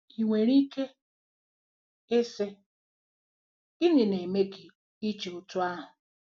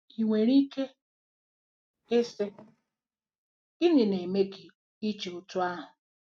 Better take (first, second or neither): first